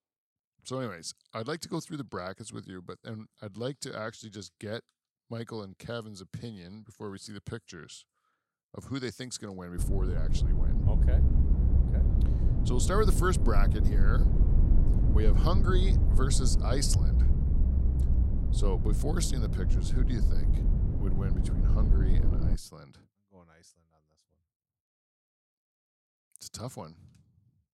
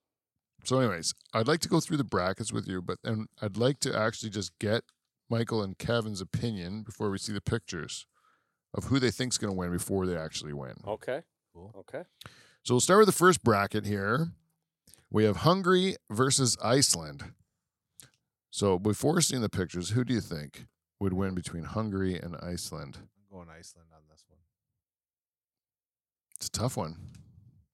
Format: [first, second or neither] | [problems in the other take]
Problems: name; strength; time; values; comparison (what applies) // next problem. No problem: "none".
second | low rumble; loud; from 10 to 23 s; 5 dB below the speech